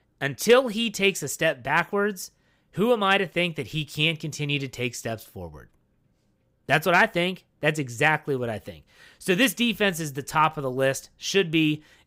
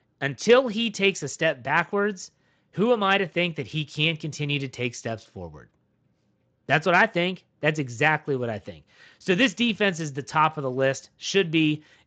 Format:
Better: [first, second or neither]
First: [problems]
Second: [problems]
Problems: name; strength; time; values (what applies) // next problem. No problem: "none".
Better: first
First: none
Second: garbled, watery; slightly; nothing above 7.5 kHz